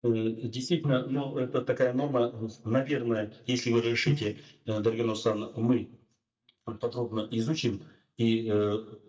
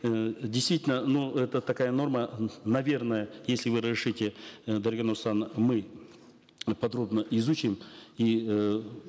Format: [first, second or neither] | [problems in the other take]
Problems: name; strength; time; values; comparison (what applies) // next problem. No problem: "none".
second | noise reduction (neural mask model DeepFilterNet 3)